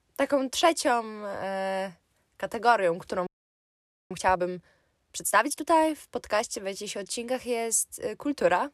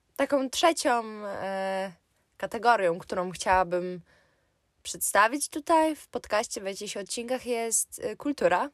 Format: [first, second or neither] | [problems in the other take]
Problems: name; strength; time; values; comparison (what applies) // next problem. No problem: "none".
second | audio freezing; at 3.5 s for 1 s